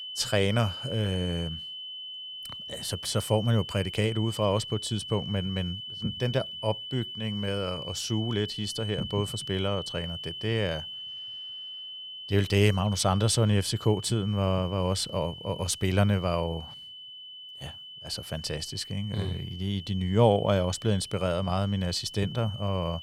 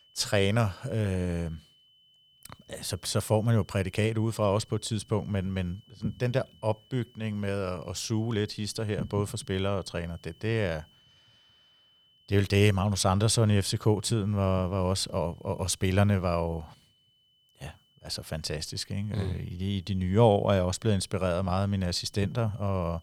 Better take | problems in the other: second | high-pitched whine; loud; throughout; 3 kHz, 10 dB below the speech; faint in the second

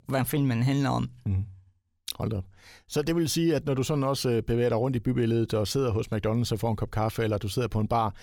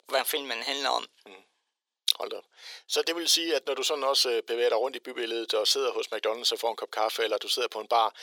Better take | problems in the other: first | thin; very; fading below 450 Hz

